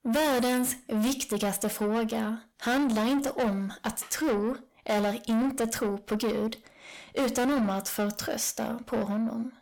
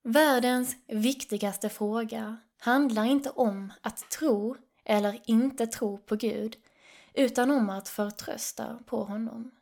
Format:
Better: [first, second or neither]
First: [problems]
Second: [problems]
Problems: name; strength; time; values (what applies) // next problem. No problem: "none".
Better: second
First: distortion; heavy; 6 dB below the speech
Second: none